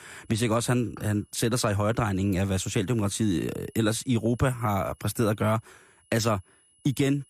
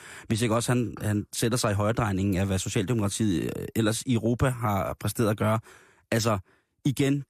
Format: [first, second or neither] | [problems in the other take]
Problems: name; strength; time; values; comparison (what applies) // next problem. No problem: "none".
second | high-pitched whine; faint; throughout; 10 kHz, 30 dB below the speech